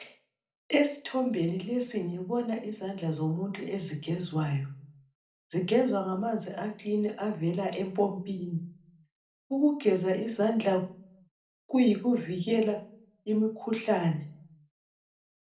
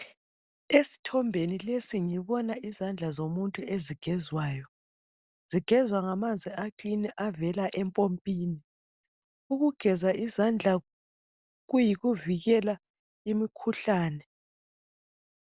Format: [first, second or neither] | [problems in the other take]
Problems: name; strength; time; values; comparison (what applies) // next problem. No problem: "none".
second | room echo; dies away in 0.4 s